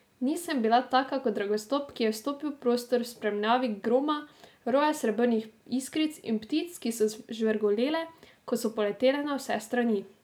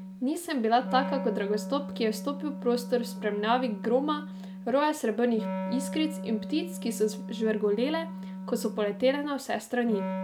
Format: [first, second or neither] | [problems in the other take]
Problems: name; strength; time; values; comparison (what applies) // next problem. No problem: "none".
first | background sound (Wind instrument, woodwind instrument); 8 dB below the speech